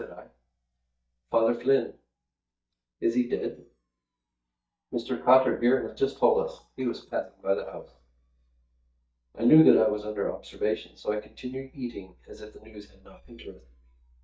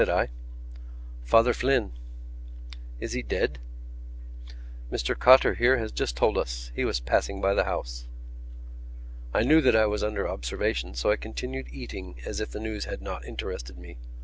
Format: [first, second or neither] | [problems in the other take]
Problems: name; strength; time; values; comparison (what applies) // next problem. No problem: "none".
second | noise reduction (neural mask model DeepFilterNet 3)